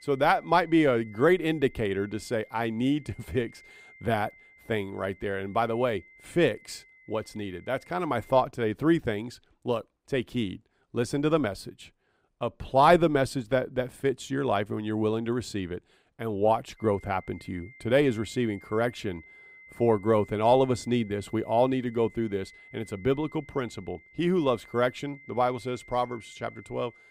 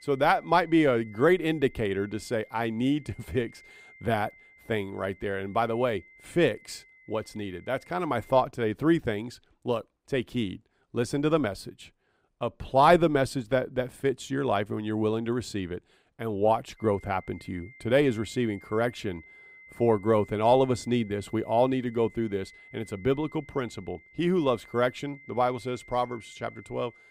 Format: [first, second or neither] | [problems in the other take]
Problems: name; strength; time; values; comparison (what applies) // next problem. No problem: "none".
neither | high-pitched whine; faint; until 8.5 s and from 17 s on; 2 kHz, 25 dB below the speech; the same in both